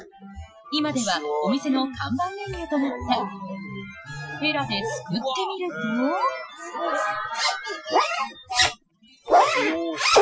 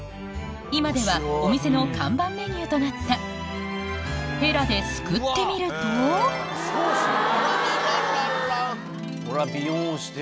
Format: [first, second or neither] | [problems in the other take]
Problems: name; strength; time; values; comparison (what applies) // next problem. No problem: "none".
second | noise reduction (classical method Wiener filter)